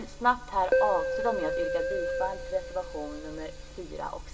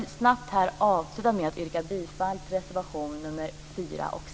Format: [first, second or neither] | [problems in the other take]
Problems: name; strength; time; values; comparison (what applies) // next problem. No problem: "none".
second | background sound (Keyboard (musical)); 1 dB above the speech // room echo; dies away in 0.2 s